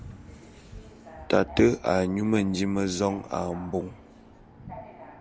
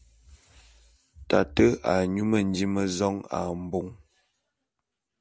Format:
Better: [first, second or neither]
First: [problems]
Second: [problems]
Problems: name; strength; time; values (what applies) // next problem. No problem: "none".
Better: second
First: background sound (Thunder + Subway, metro, underground); 17 dB below the speech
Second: none